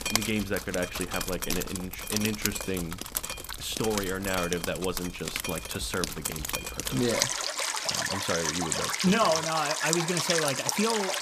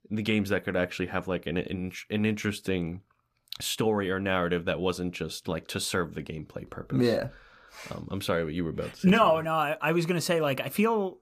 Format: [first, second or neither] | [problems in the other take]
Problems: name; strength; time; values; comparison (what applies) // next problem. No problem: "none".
second | rain or running water; very loud; throughout; as loud as the speech